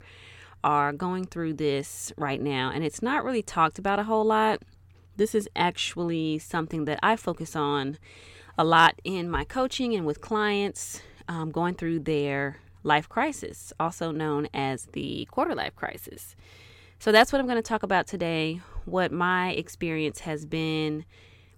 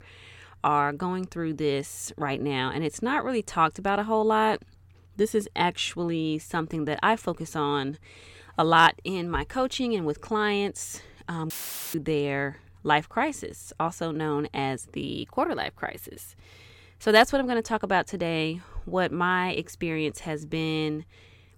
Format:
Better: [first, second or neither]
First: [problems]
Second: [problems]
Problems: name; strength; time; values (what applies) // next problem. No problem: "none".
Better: first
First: none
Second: audio cutting out; filled with static; at 12 s